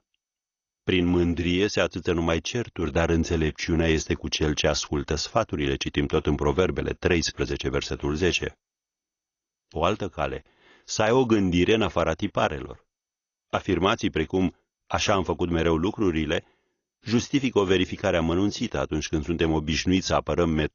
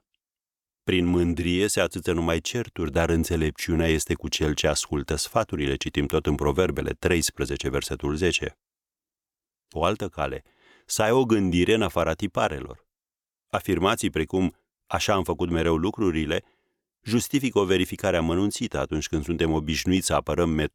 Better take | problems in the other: second | garbled, watery; slightly; nothing above 6.5 kHz

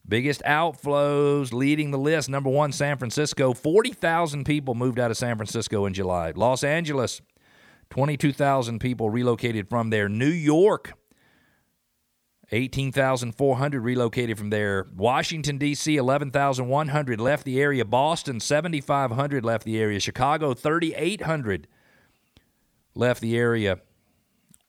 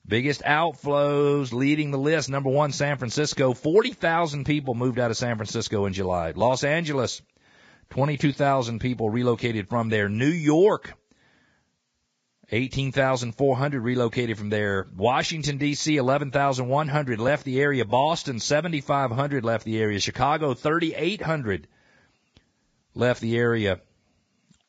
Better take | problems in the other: first | garbled, watery; badly; nothing above 7.5 kHz

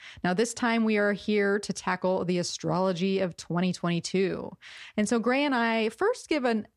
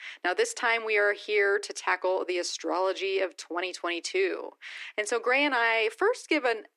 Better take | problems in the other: first | thin; very; fading below 300 Hz

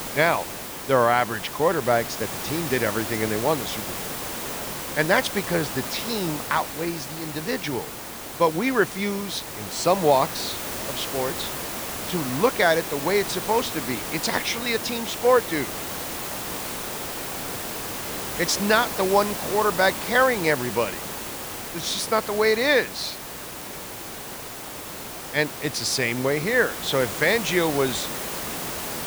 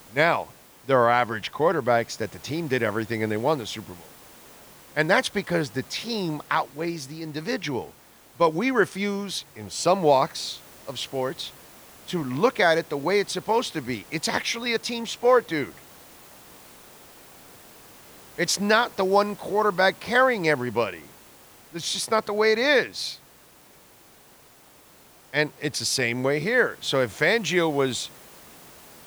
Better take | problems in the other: second | hiss; loud; throughout; 7 dB below the speech; faint in the second

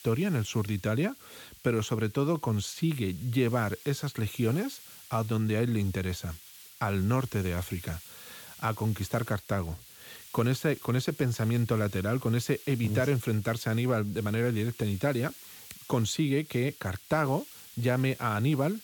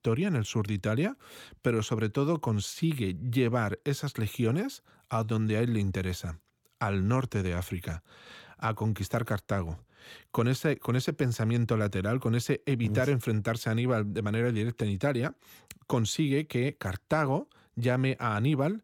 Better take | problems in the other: second | hiss; noticeable; throughout; 15 dB below the speech

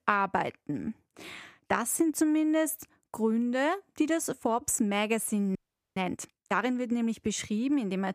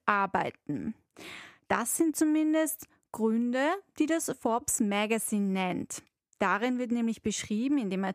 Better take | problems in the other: second | audio freezing; at 5.5 s

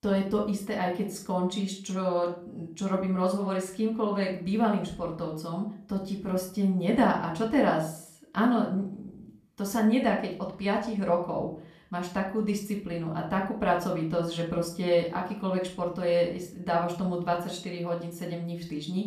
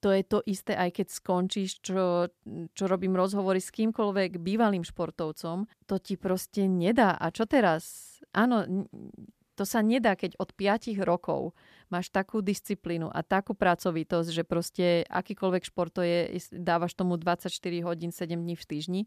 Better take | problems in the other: second | off-mic speech; far // room echo; slight; dies away in 0.4 s

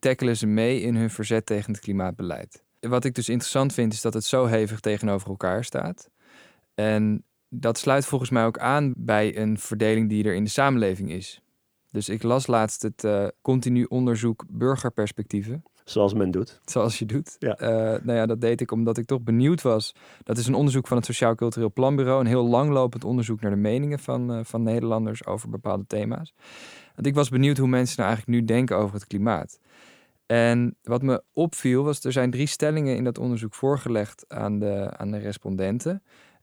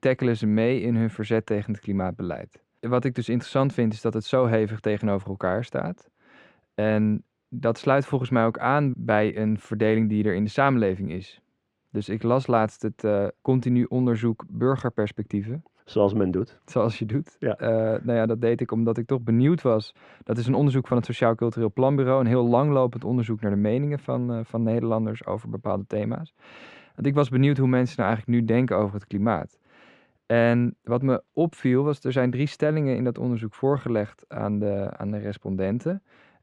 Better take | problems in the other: first | muffled; slightly; fading above 2.5 kHz

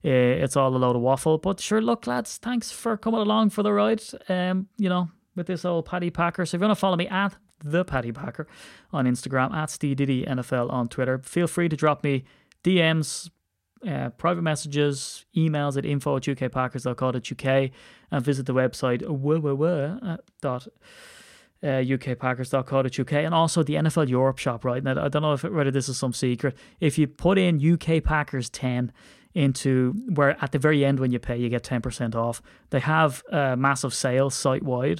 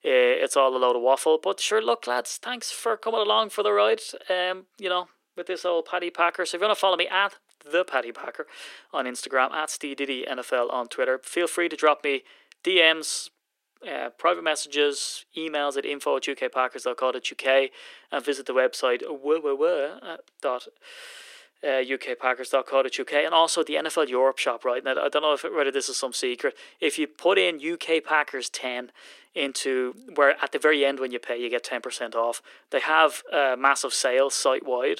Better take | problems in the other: first | thin; very; fading below 350 Hz

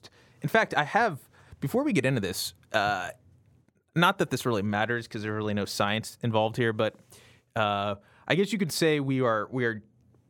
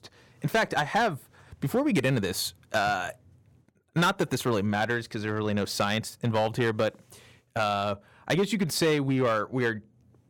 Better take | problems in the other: first | distortion; slight; 4% of the sound clipped

